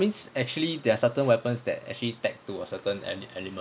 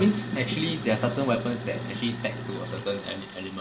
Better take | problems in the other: first | background sound (Sink (filling or washing)); 5 dB below the speech // room echo; dies away in 1.3 s

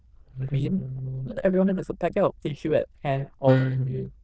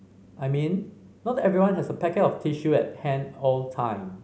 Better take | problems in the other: second | noise reduction (neural diffusion model UNIVERSE++)

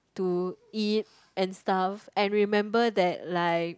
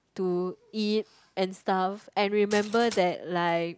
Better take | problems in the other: first | background sound (Glass); 16 dB below the speech

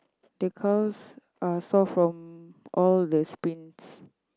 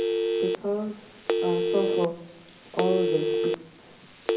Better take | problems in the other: first | background sound (Telephone); 4 dB above the speech // room echo; dies away in 0.6 s

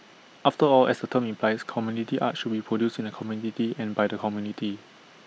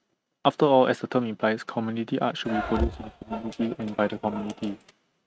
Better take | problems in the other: first | noise reduction (neural mask model RNNoise)

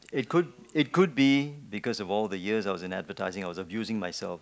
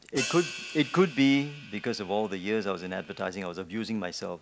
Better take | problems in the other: first | background sound (Hi-hat); 12 dB below the speech

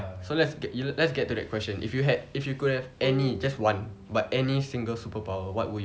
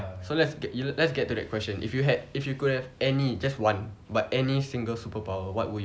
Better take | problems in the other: second | background sound (Bowed string instrument); 15 dB below the speech

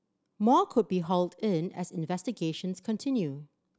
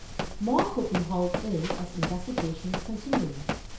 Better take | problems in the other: first | background sound (Run); 2 dB below the speech // room echo; dies away in 0.6 s

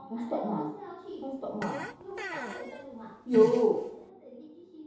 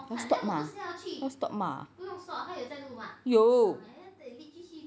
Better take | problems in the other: second | background sound (Fart); 11 dB below the speech // room echo; dies away in 0.8 s

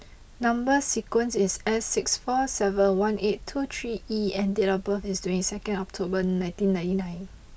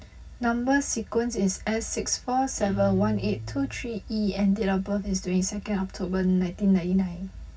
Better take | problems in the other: first | background sound (Guitar); 12 dB below the speech // room echo; dies away in 0.4 s

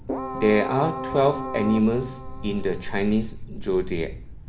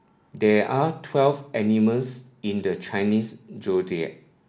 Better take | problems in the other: second | background sound (Keyboard (musical) + Thunder); 7 dB below the speech

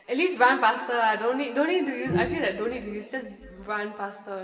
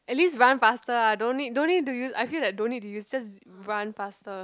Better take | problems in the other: second | background sound (Bowed string instrument); 7 dB below the speech // room echo; dies away in 2.3 s

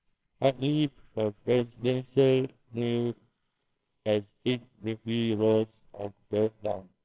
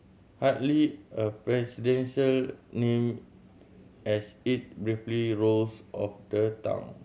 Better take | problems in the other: second | noise reduction (neural separator model SepFormer WHAMR!)

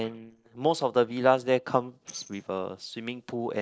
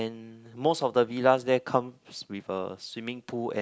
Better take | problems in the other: second | noise reduction (neural separator model SepFormer DNS4)

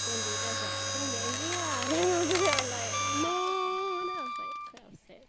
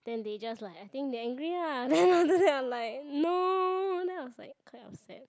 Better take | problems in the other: second | background sound (Wind instrument, woodwind instrument + Mechanisms); 1 dB above the speech

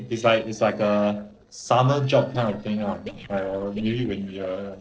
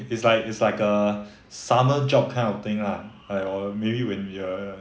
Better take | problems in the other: second | noise reduction (neural separator model SepFormer DNS4)

